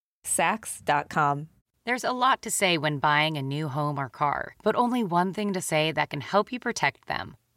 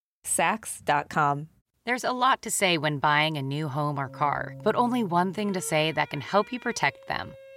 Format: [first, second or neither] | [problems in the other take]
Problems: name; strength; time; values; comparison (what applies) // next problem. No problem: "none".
first | background music; faint; from 4 s on; 20 dB below the speech